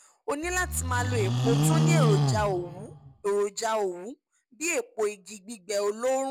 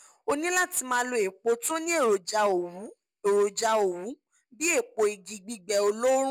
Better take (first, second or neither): second